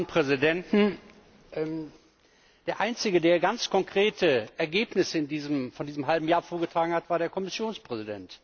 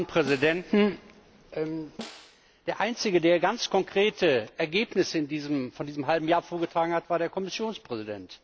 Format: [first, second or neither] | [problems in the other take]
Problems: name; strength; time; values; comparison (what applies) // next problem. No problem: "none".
first | background sound (Snare drum); 19 dB below the speech